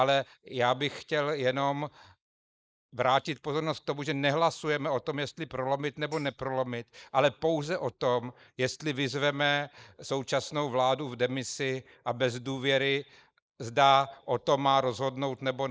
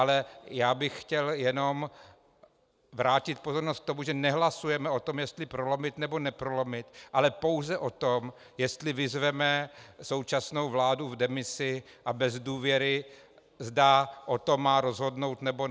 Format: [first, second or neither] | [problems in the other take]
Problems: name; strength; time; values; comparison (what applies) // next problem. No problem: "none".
second | noise reduction (neural mask model Resemble Enhance denoiser)